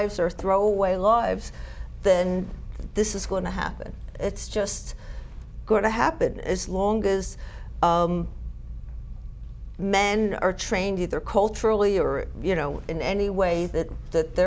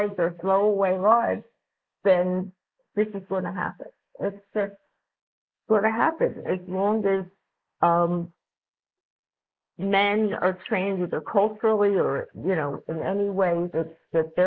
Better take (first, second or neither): first